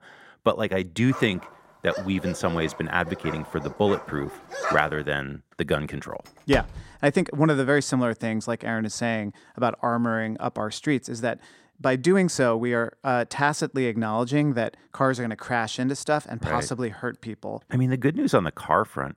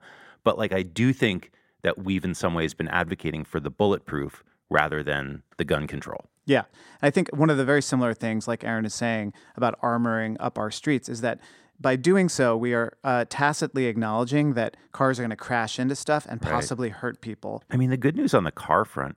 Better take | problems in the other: second | dog barking; noticeable; from 1 to 5 s; peak 3 dB below the speech // door banging; noticeable; at 6.5 s; peak 7 dB below the speech

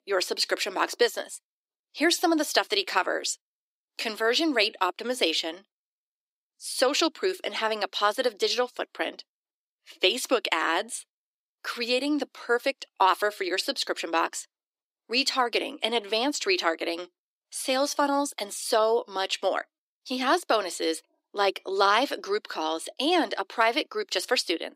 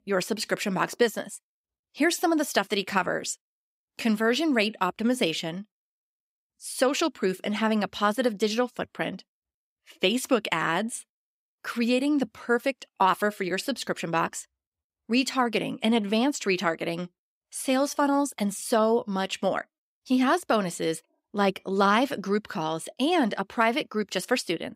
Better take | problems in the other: second | thin; somewhat; fading below 300 Hz

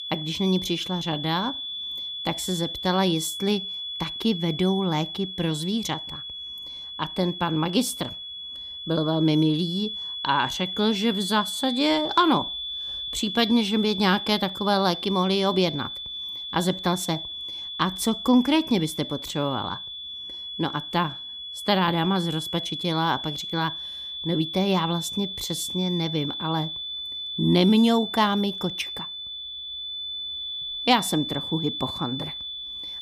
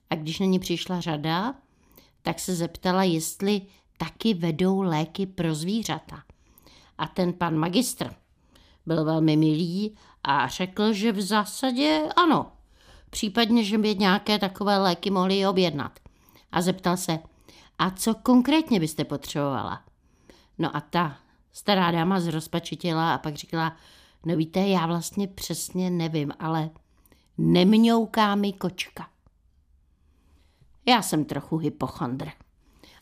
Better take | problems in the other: second | high-pitched whine; loud; throughout; 3.5 kHz, 6 dB below the speech

